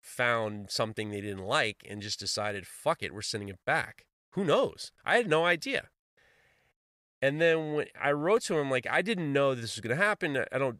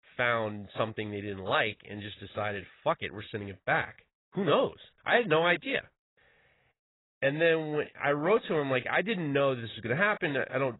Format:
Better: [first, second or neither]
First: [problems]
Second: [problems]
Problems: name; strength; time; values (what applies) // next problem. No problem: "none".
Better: first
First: none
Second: garbled, watery; badly; nothing above 4 kHz